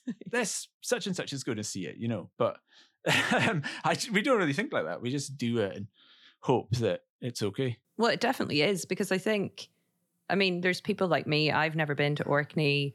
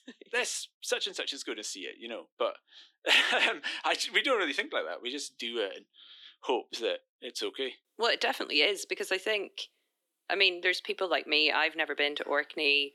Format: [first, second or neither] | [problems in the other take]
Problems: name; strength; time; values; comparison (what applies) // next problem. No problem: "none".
first | thin; somewhat; fading below 300 Hz